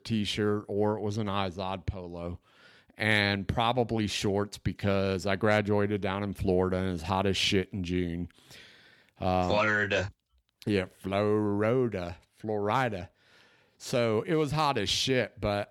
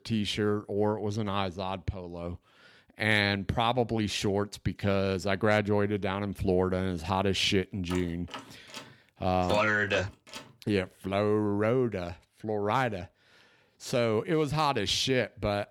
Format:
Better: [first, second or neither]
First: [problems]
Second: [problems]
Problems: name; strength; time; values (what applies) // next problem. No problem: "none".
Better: first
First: none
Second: door banging; faint; from 8 to 11 s; peak 15 dB below the speech